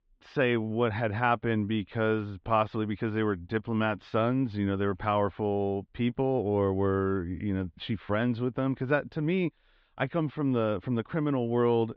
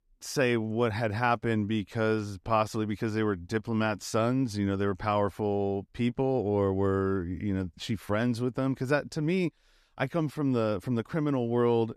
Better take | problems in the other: second | muffled; very; fading above 3.5 kHz

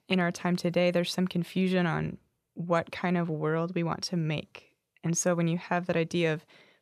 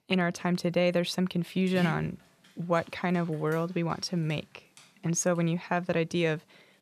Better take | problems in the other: first | dog barking; noticeable; from 1.5 to 3.5 s; peak 8 dB below the speech

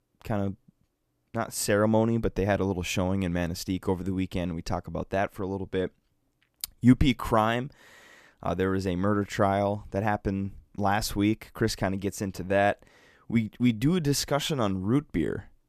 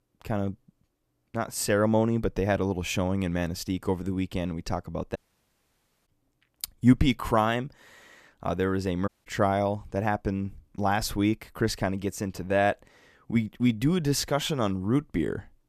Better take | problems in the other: first | audio cutting out; at 5 s for 1 s and at 9 s

